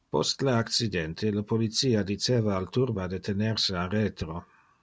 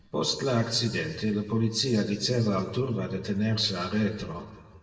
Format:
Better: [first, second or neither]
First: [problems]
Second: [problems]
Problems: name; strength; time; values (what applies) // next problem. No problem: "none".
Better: first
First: none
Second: room echo; dies away in 1.2 s